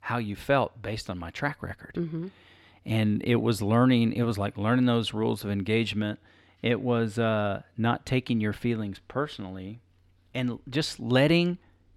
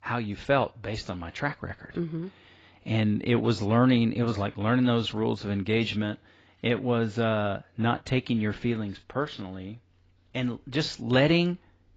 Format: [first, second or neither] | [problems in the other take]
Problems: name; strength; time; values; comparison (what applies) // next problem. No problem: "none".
first | garbled, watery; badly; nothing above 7.5 kHz